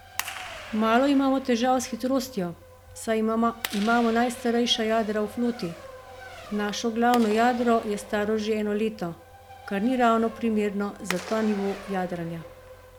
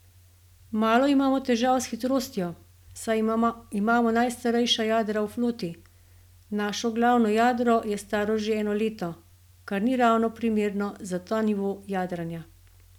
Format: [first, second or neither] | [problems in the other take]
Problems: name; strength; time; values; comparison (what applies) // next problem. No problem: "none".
second | background sound (Race car, auto racing + Clapping); 15 dB below the speech